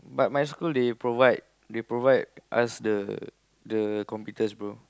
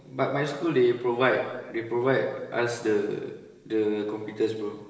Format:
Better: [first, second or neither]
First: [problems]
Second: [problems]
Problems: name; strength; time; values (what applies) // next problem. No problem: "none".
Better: first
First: none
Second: room echo; dies away in 1 s